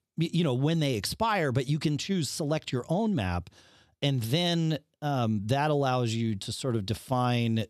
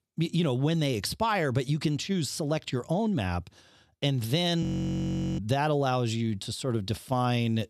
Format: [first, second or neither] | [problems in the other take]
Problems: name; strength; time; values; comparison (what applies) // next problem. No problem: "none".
first | audio freezing; at 4.5 s for 1 s